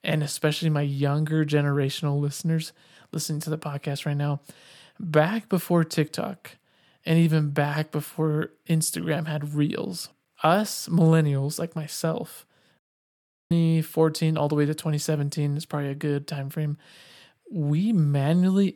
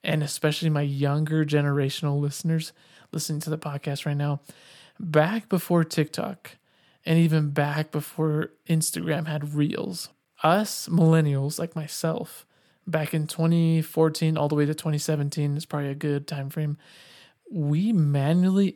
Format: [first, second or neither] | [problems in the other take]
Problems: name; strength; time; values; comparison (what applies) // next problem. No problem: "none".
second | audio cutting out; at 13 s for 0.5 s